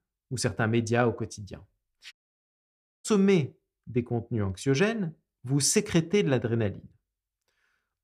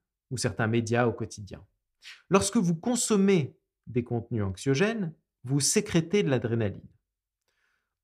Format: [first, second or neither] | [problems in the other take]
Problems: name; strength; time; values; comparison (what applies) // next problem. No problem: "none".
second | audio cutting out; at 2 s for 1 s